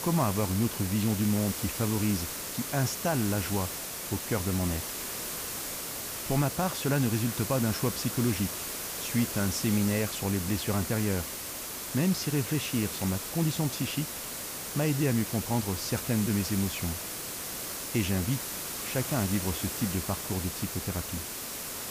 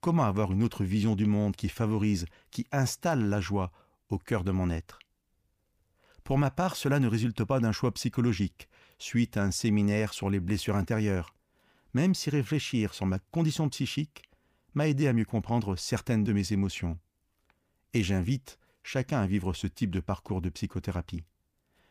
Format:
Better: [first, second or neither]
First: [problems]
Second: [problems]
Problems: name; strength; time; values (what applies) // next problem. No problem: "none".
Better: second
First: hiss; loud; throughout; 4 dB below the speech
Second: none